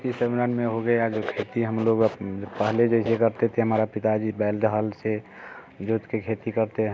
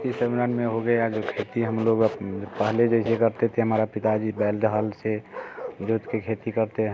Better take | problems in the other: first | background sound (Bark); 15 dB below the speech

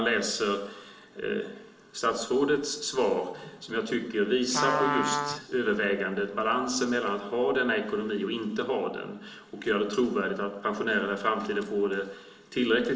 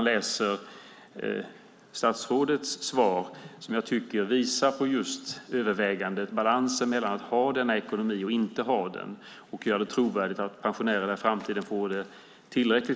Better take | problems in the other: second | background sound (Trumpet); 5 dB below the speech // room echo; dies away in 0.6 s

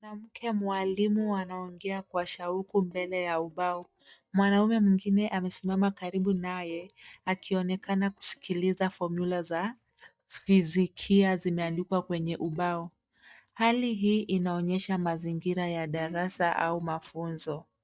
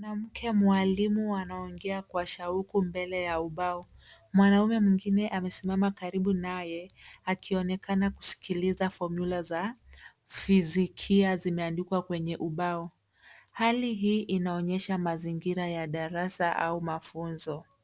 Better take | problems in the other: second | noise reduction (neural mask model DeepFilterNet 3)

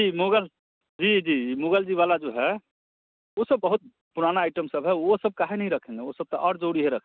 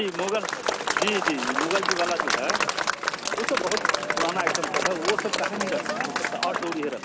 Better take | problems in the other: first | background sound (Applause / Crowd); 3 dB above the speech

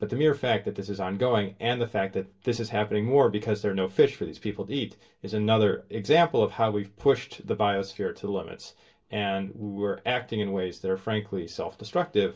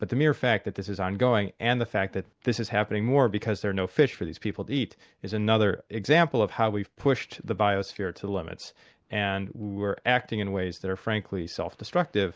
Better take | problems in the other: second | room echo; dies away in 0.2 s

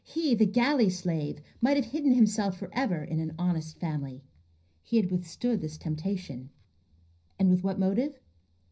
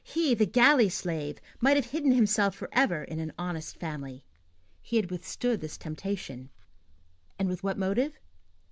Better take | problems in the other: second | room echo; dies away in 0.4 s

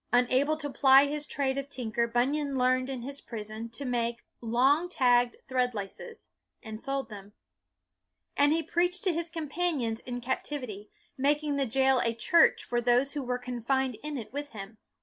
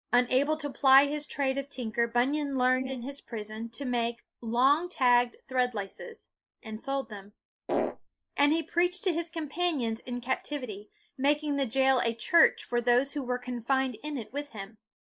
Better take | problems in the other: first | noise reduction (neural mask model Resemble Enhance denoiser)

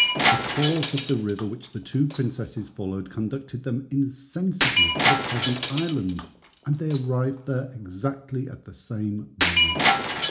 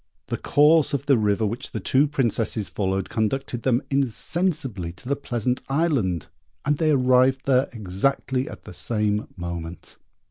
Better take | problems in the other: second | background sound (Shatter); as loud as the speech // room echo; dies away in 0.4 s

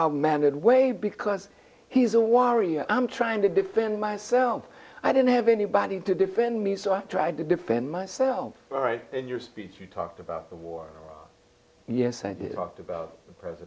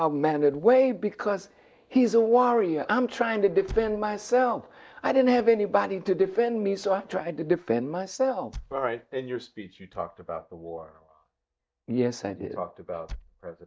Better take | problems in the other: first | noise reduction (neural mask model DeepFilterNet 3)

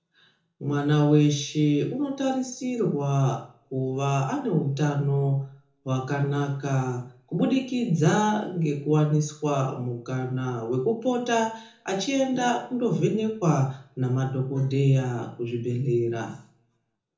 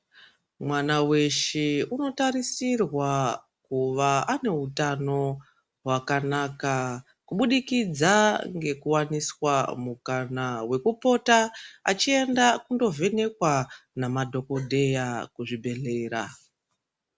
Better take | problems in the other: second | room echo; dies away in 0.6 s

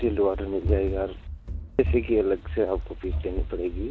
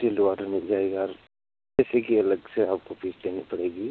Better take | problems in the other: second | background sound (Run); 4 dB below the speech

